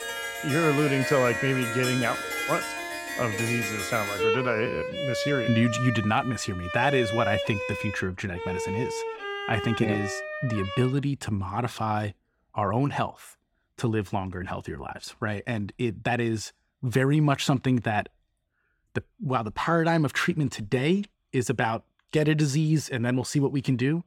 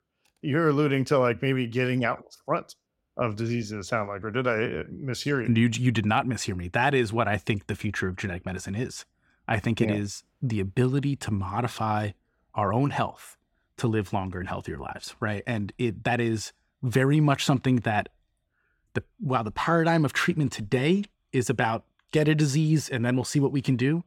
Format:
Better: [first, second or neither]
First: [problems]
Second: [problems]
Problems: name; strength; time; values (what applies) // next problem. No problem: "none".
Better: second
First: background music; loud; until 11 s; 4 dB below the speech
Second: none